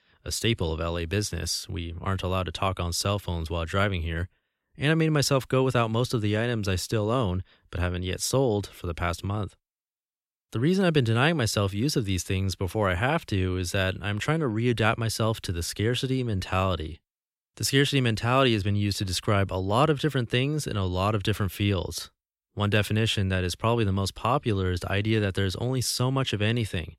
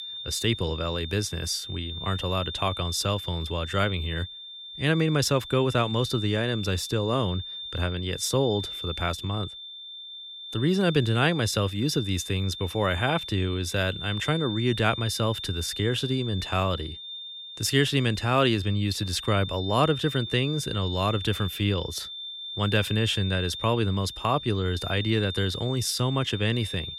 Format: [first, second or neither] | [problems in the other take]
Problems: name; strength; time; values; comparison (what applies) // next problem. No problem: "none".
first | high-pitched whine; loud; throughout; 3.5 kHz, 9 dB below the speech